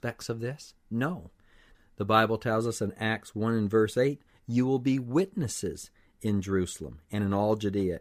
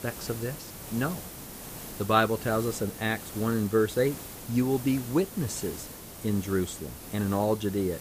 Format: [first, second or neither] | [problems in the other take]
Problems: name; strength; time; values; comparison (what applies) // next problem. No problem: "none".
first | hiss; noticeable; throughout; 10 dB below the speech